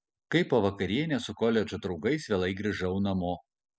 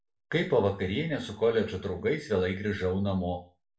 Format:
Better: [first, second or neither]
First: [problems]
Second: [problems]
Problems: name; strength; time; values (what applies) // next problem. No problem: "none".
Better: first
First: none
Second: room echo; dies away in 0.3 s